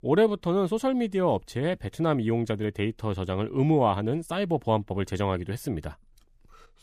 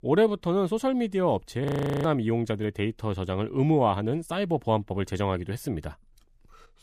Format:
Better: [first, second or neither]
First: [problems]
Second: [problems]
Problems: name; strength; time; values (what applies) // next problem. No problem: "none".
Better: first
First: none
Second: audio freezing; at 1.5 s